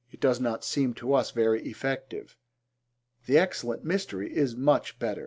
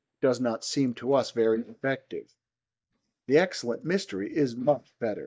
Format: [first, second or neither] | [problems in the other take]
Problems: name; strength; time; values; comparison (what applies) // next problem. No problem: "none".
first | noise reduction (neural mask model DeepFilterNet 3)